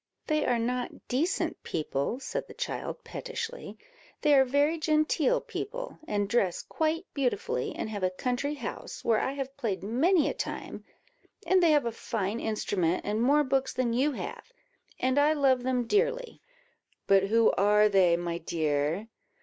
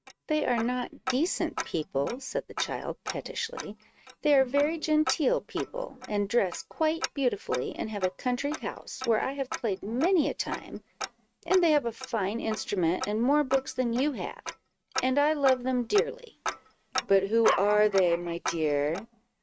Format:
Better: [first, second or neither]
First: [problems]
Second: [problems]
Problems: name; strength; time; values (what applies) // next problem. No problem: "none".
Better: first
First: none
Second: noise reduction (neural mask model RNNoise)